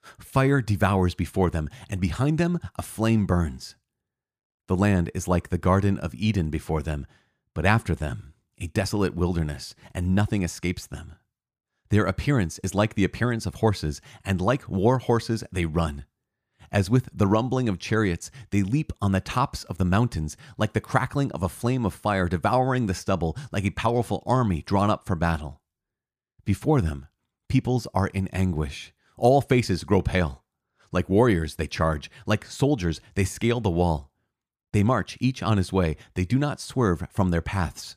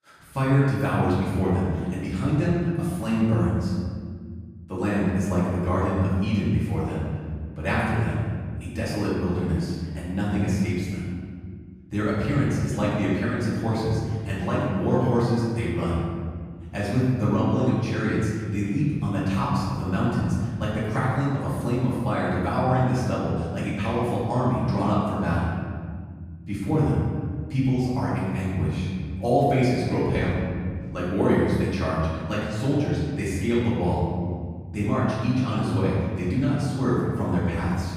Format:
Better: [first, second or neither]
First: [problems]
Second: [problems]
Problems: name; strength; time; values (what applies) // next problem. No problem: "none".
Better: first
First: none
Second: room echo; strong; dies away in 2.1 s // off-mic speech; far